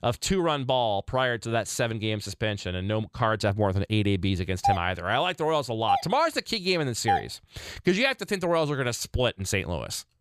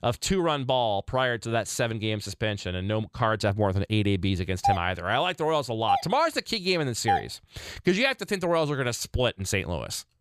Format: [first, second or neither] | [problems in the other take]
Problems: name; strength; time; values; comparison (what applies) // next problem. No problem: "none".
neither | doorbell; noticeable; from 4.5 to 7 s; peak 1 dB below the speech; the same in both